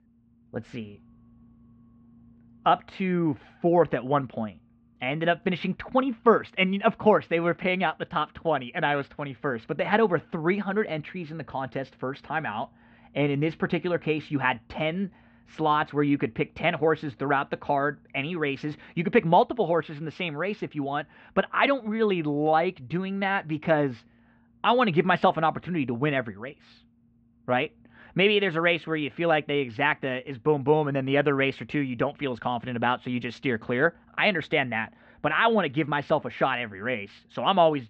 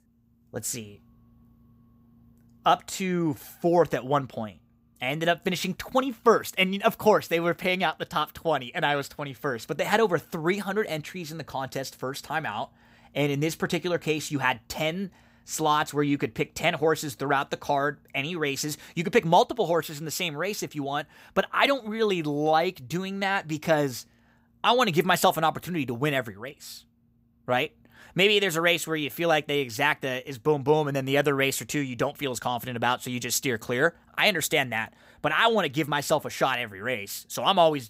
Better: second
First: muffled; very; fading above 3 kHz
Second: none

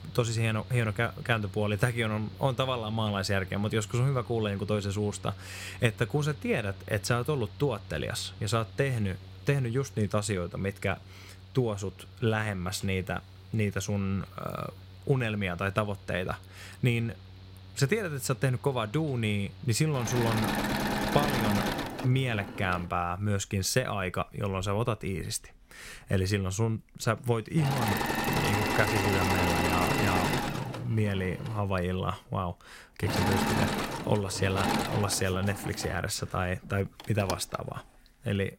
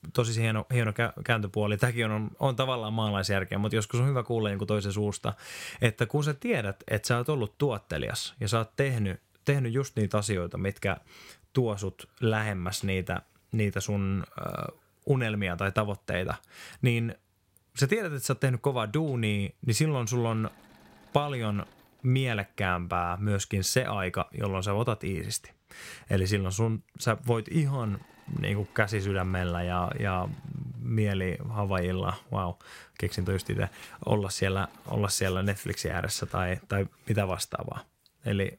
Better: second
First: machinery noise; loud; throughout; 3 dB below the speech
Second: machinery noise; faint; throughout; 30 dB below the speech

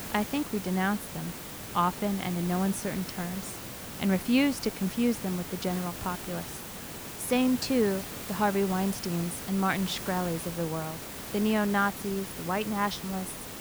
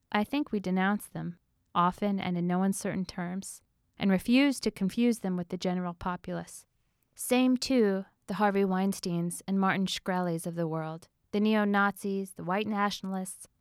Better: second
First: hiss; loud; throughout; 8 dB below the speech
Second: none

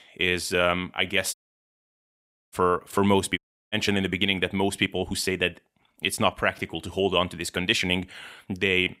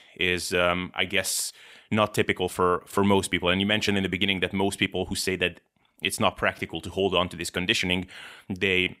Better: second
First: audio cutting out; at 1.5 s for 1 s and at 3.5 s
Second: none

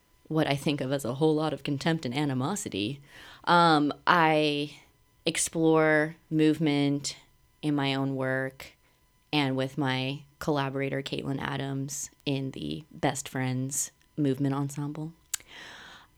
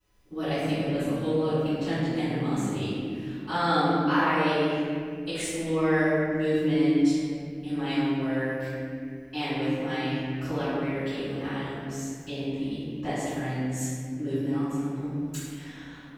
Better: first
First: none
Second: room echo; strong; dies away in 2.5 s // off-mic speech; far

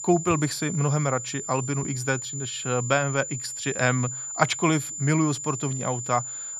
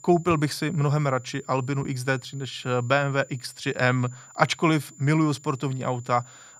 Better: second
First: high-pitched whine; loud; throughout; 7 kHz, 6 dB below the speech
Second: high-pitched whine; faint; throughout; 7 kHz, 25 dB below the speech

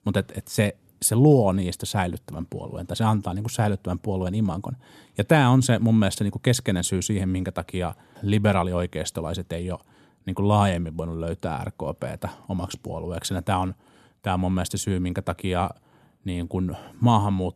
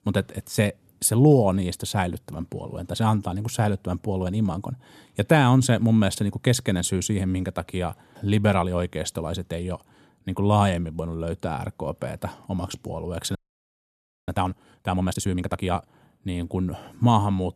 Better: first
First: none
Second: audio freezing; at 13 s for 1 s

